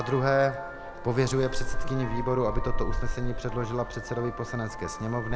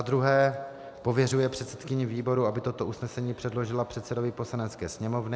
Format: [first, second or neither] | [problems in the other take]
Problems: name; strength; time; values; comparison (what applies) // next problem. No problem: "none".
second | background sound (Vehicle horn, car horn, honking); 2 dB below the speech